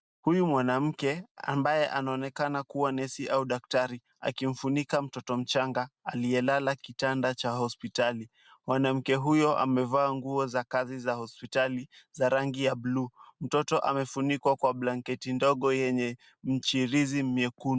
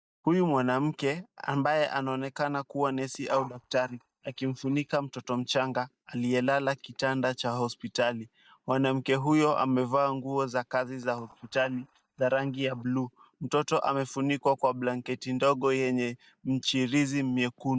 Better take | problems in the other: first | noise reduction (neural mask model DeepFilterNet 3)

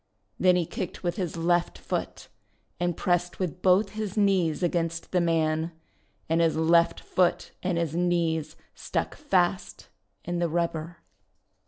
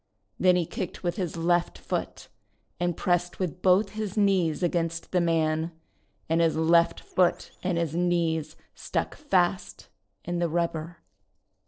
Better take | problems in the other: first | noise reduction (neural separator model SepFormer DNS4)

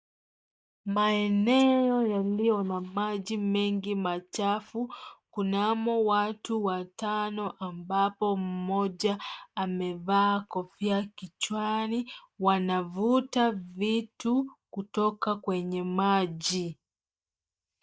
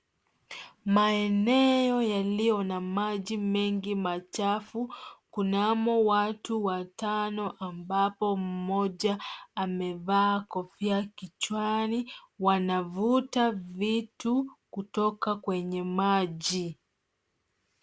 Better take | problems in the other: second | noise reduction (neural mask model DeepFilterNet 3)

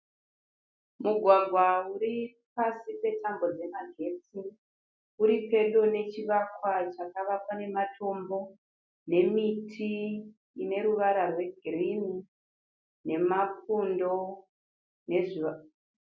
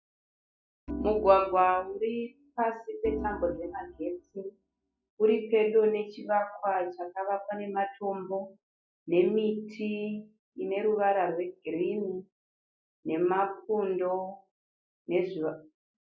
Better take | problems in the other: first | noise reduction (classical method log-MMSE)

